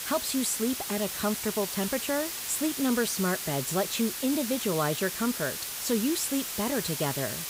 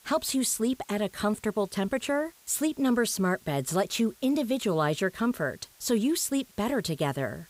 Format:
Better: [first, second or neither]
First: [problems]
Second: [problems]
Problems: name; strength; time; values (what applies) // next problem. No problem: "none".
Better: second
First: hiss; loud; throughout; 3 dB below the speech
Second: hiss; faint; throughout; 25 dB below the speech